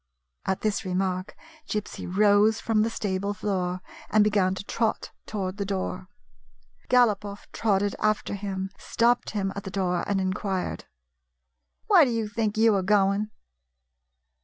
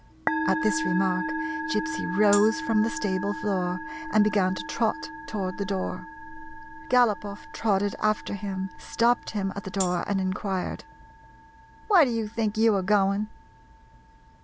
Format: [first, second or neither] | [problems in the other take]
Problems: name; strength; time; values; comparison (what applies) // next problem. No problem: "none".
first | background sound (Tambourine + Musical instrument); 8 dB below the speech